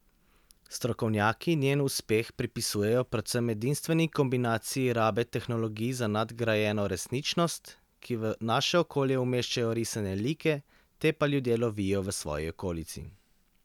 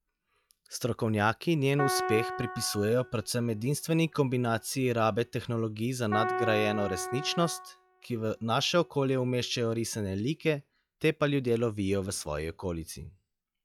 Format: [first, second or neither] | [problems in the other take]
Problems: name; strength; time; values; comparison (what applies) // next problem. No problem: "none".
first | noise reduction (classical method log-MMSE)